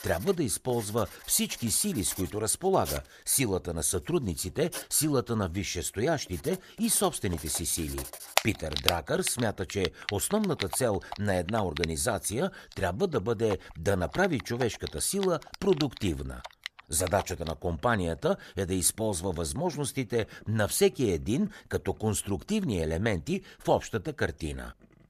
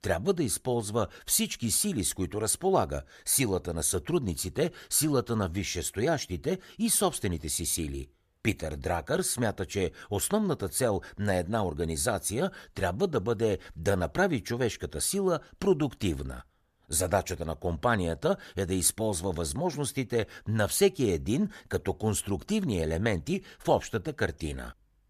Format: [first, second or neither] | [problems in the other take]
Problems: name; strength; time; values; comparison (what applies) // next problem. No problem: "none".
second | household noises; loud; throughout; 9 dB below the speech